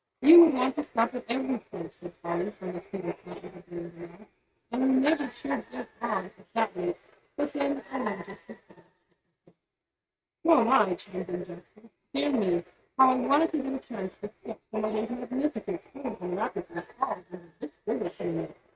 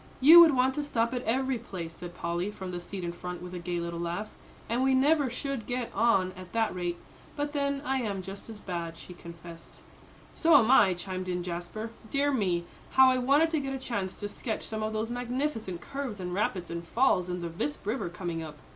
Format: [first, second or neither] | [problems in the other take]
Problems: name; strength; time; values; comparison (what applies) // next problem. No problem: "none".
second | noise reduction (neural mask model RNNoise)